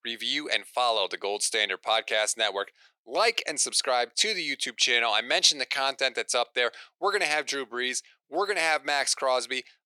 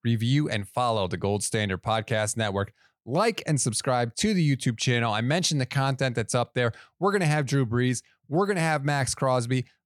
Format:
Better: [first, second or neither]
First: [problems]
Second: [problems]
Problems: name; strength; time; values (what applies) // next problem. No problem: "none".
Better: second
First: thin; very; fading below 350 Hz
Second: none